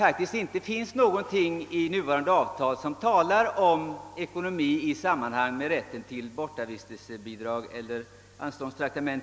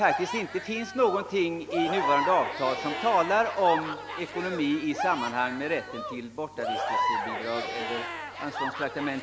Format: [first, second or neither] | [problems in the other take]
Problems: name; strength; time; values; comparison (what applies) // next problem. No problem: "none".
first | background sound (Crowd / Cheering); 4 dB below the speech